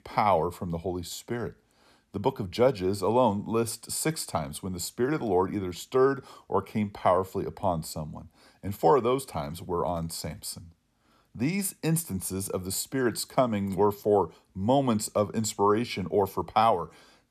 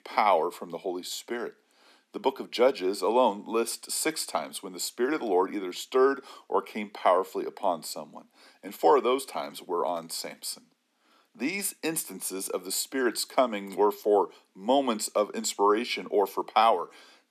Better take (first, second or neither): first